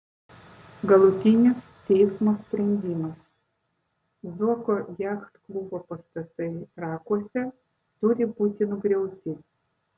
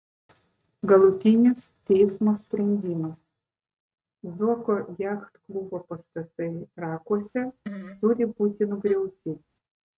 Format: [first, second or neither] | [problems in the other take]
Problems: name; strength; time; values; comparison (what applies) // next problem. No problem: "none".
first | noise reduction (neural mask model RNNoise)